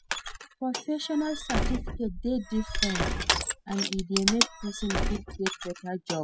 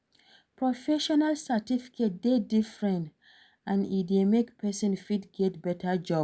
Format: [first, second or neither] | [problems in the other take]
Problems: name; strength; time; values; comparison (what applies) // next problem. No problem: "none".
second | noise reduction (classical method spectral subtraction)